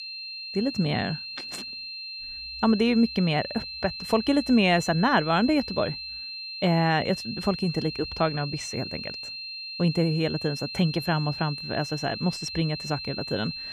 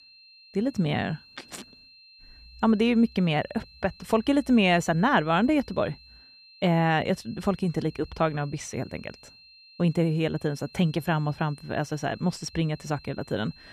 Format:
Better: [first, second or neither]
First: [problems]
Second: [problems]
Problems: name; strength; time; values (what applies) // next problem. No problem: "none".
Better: second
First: high-pitched whine; loud; throughout; 4 kHz, 8 dB below the speech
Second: high-pitched whine; faint; throughout; 4 kHz, 25 dB below the speech